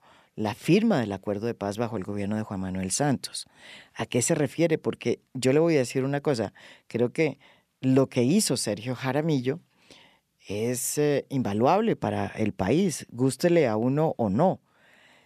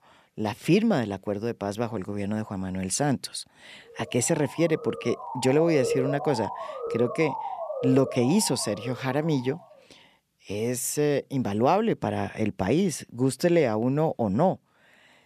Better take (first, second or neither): first